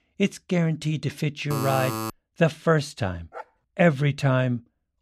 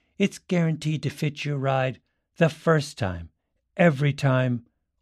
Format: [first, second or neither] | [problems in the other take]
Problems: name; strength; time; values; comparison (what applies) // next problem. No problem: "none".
second | alarm; noticeable; at 1.5 s; peak 4 dB below the speech // dog barking; faint; at 3.5 s; peak 20 dB below the speech